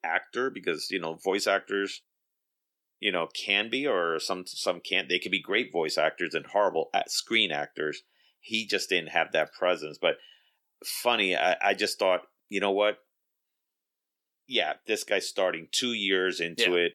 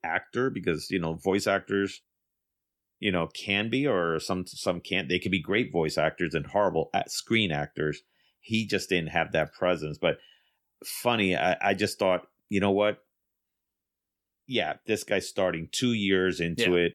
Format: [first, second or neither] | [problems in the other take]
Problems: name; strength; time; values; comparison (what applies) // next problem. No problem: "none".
second | thin; somewhat; fading below 350 Hz